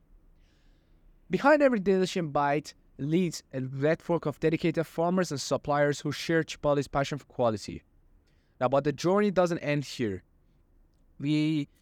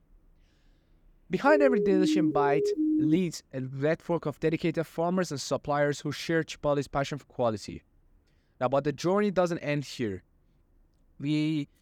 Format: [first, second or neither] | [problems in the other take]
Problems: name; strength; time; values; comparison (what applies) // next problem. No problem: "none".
first | siren; loud; from 1.5 to 3 s; peak 3 dB above the speech